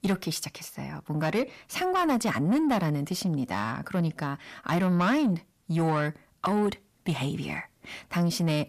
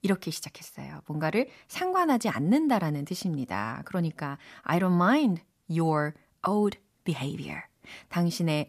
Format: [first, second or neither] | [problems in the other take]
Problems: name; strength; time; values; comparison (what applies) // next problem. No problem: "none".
second | distortion; slight; 10 dB below the speech